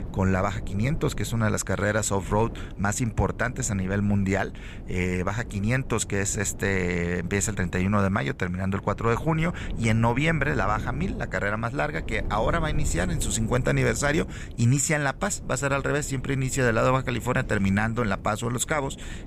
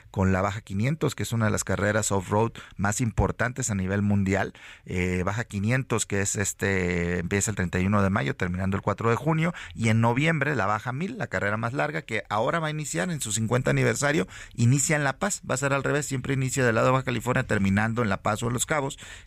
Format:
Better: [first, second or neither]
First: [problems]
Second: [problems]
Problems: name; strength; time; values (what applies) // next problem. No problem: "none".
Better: second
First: wind noise on the microphone; occasional gusts; 20 dB below the speech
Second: none